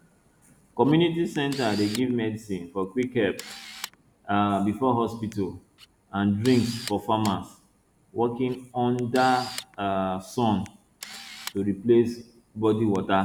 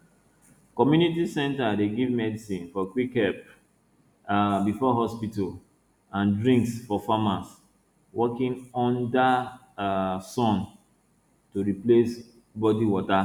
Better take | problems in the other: second | background sound (Camera); 18 dB below the speech

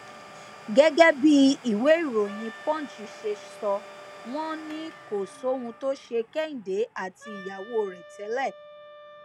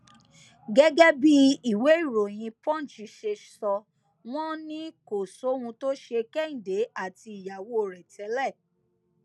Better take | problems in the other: second | background sound (Domestic sounds, home sounds + Wind instrument, woodwind instrument); 19 dB below the speech

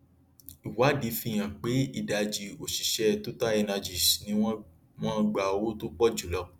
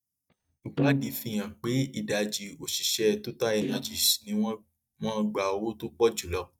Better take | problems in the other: first | noise reduction (neural mask model DeepFilterNet 3)

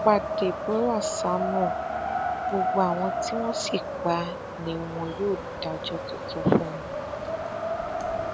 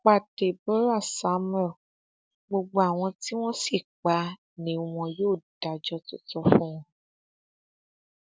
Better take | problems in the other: second | background sound (Wind); 1 dB below the speech

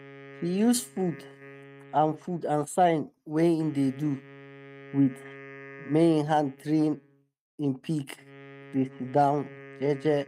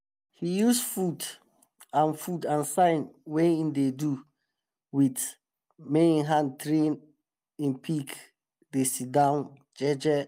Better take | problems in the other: second | noise reduction (neural mask model RNNoise)

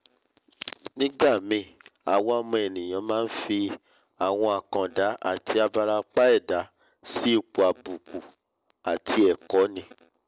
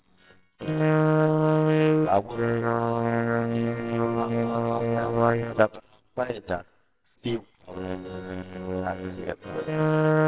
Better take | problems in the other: first | noise reduction (neural separator model SepFormer WHAMR!)

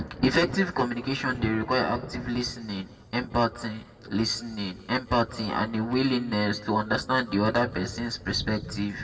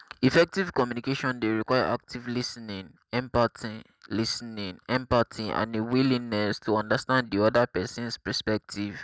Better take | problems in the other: second | background sound (Thunder); 13 dB below the speech // room echo; dies away in 1.5 s

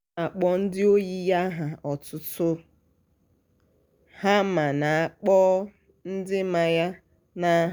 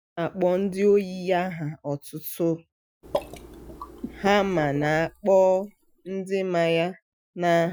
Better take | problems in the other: first | noise reduction (classical method Wiener filter)

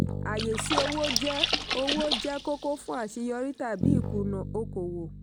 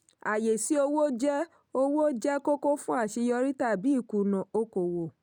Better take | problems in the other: second | background sound (Bass guitar + Splash, splatter); 1 dB above the speech

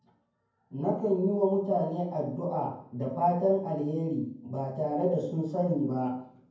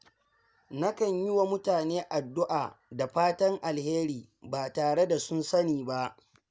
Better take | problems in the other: second | room echo; dies away in 0.9 s

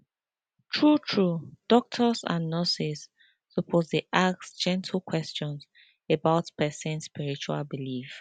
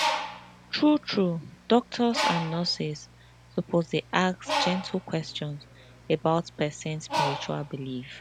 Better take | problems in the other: first | background sound (Bird); 6 dB below the speech

